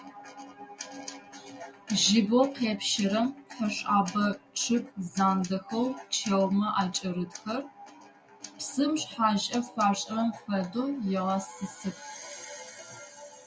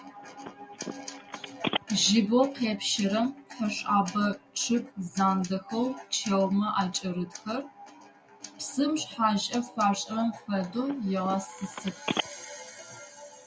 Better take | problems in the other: first | background sound (Telephone); 8 dB below the speech

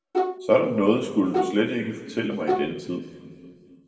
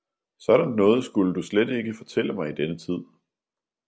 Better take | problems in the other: second | background sound (Bowed string instrument); 5 dB below the speech // room echo; dies away in 2.1 s

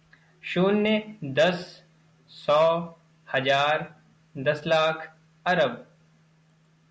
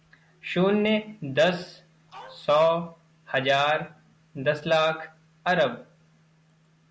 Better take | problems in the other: first | background sound (Dog); 19 dB below the speech

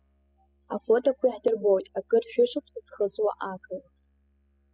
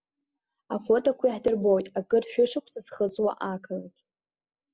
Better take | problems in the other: second | noise reduction (classical method spectral subtraction)

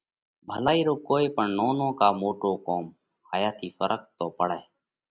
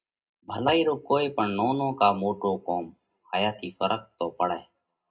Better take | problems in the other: first | room echo; dies away in 0.2 s

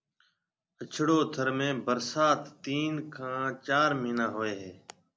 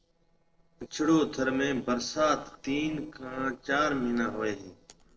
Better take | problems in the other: first | noise reduction (neural separator model SepFormer DNS4)

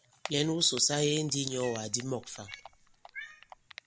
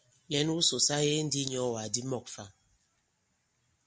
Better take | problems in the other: second | background sound (Cat + Typing); 16 dB below the speech

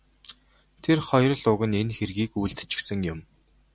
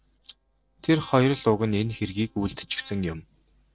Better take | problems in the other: first | noise reduction (neural separator model SepFormer DNS4)

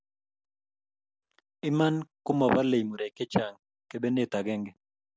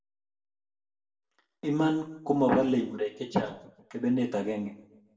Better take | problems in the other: first | room echo; dies away in 0.7 s

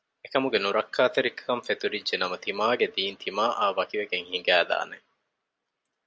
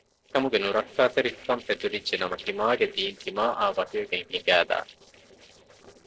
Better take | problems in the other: first | noise reduction (neural separator model SepFormer DNS4)

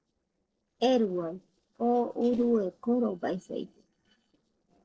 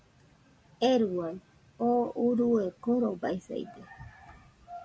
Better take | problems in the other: second | noise reduction (neural separator model SepFormer DNS4)

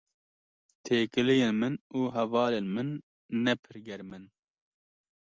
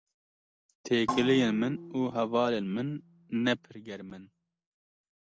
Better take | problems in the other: first | background sound (Percussion); 11 dB below the speech

